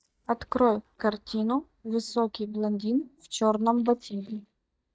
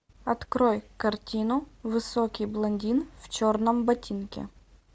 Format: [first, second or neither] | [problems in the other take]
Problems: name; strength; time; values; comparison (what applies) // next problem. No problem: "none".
second | noise reduction (neural mask model DeepFilterNet 3)